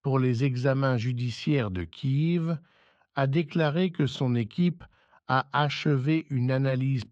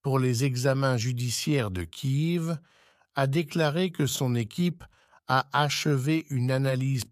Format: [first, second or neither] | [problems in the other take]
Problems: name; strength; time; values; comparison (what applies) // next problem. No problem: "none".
second | muffled; slightly; fading above 4 kHz